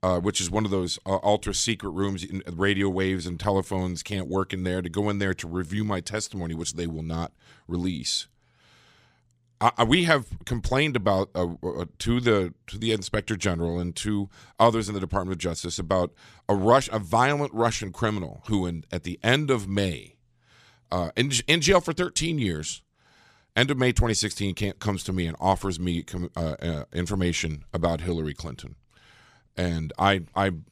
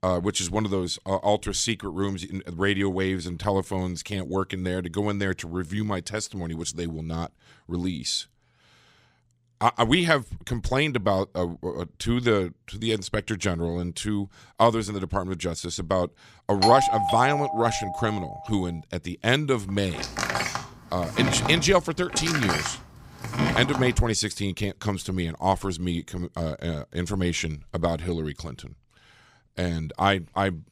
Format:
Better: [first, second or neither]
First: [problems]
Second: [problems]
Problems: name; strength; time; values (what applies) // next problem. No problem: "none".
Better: first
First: none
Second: doorbell; loud; from 17 to 18 s; peak 5 dB above the speech // door banging; loud; from 20 to 24 s; peak 1 dB above the speech